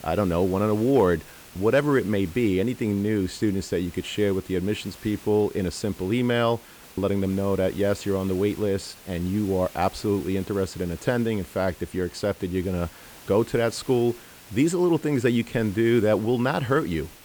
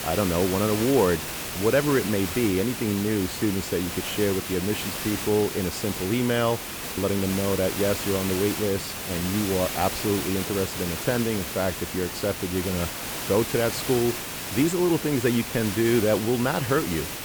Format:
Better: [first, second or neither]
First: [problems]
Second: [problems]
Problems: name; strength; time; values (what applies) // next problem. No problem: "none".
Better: first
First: hiss; faint; throughout; 20 dB below the speech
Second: hiss; loud; throughout; 5 dB below the speech